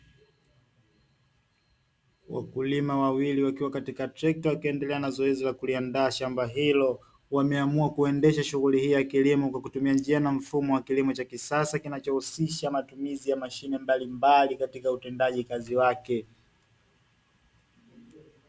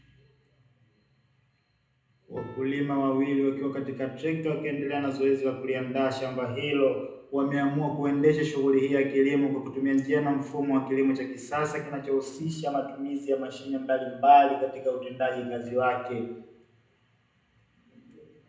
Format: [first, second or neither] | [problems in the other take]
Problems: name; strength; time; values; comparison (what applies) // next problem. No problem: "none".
first | background sound (Piano); 20 dB below the speech // room echo; dies away in 0.7 s